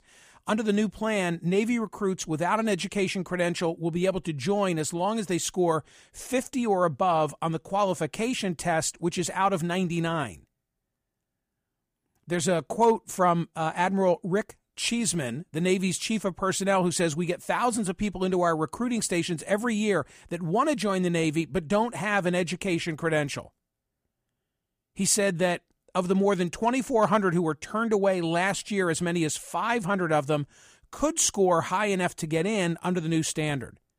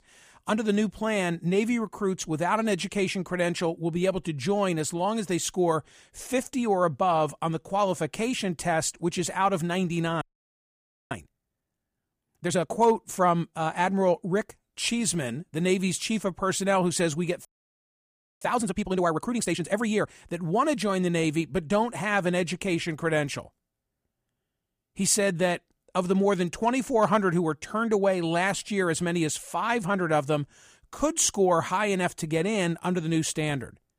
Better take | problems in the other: first | audio freezing; at 10 s for 1 s and at 17 s for 1 s

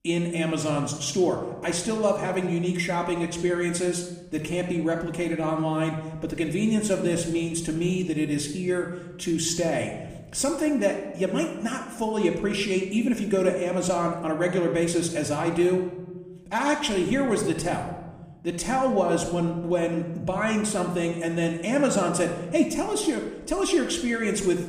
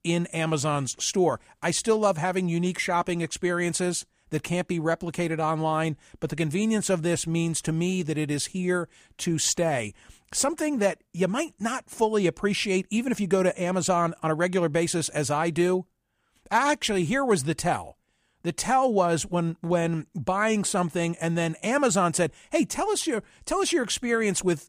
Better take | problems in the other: second | room echo; slight; dies away in 1 s // off-mic speech; somewhat distant

